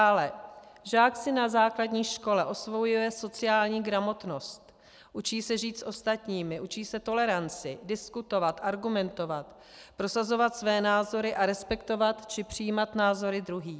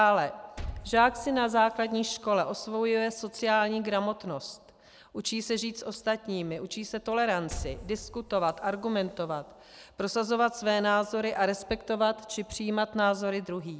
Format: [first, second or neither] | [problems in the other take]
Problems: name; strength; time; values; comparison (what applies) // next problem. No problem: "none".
first | background sound (Liquid); 17 dB below the speech